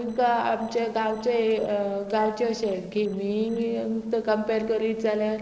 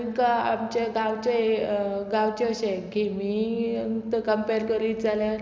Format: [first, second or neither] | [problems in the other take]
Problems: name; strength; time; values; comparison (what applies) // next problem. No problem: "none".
second | noise reduction (neural separator model SepFormer DNS4)